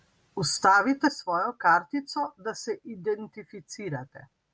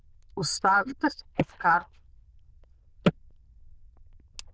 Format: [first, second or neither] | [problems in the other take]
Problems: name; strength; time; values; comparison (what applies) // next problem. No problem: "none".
first | noise reduction (neural diffusion model UNIVERSE++)